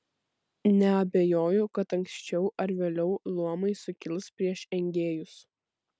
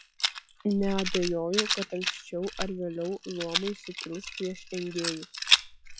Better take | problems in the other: first | noise reduction (classical method log-MMSE)

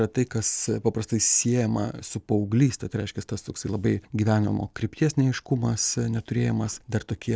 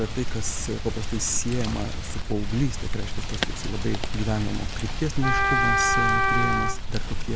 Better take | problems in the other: first | background sound (Rain + Wind instrument, woodwind instrument); 4 dB above the speech

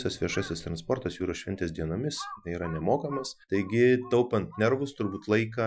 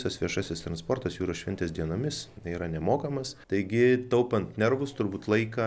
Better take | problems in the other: second | noise reduction (classical method Wiener filter)

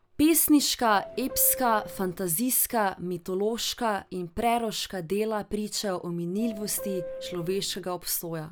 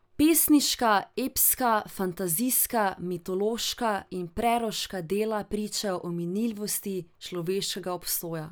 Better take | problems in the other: second | background sound (Subway, metro, underground / Doorbell); 12 dB below the speech

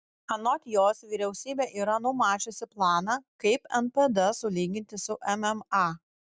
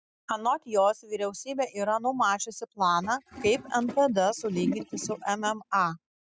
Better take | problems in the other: first | noise reduction (classical method spectral subtraction)

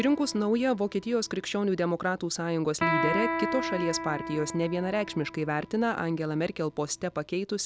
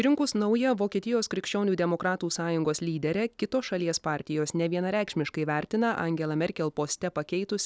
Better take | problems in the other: second | background sound (Electric guitar); 7 dB below the speech

